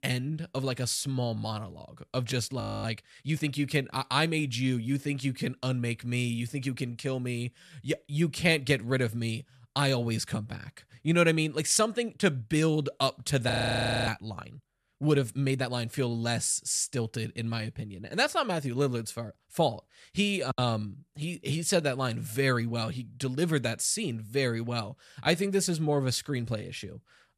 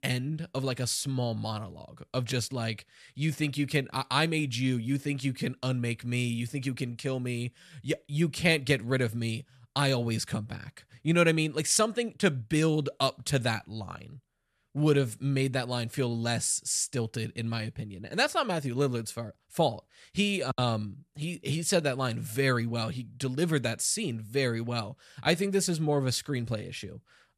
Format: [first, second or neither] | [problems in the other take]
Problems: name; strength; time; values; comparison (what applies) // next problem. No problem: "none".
second | audio freezing; at 2.5 s and at 14 s for 0.5 s